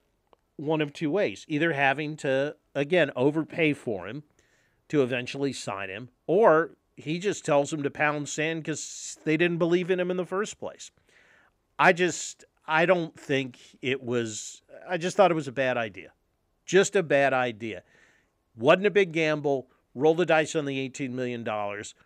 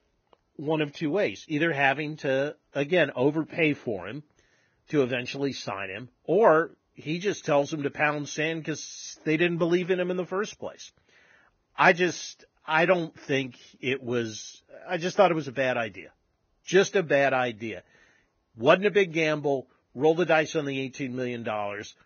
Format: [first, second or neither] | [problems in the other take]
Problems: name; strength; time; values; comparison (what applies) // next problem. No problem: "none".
first | garbled, watery; badly; nothing above 6.5 kHz